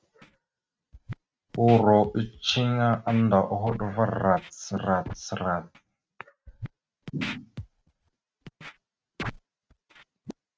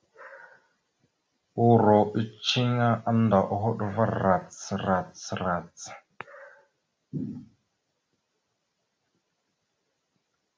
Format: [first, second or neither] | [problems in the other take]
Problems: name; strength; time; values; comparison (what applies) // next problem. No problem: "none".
second | noise reduction (neural mask model RNNoise)